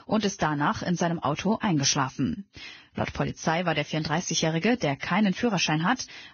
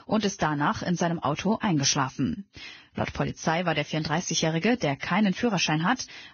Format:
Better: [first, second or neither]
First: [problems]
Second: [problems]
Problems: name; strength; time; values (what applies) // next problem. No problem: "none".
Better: neither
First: garbled, watery; badly; nothing above 6.5 kHz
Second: garbled, watery; badly; nothing above 6.5 kHz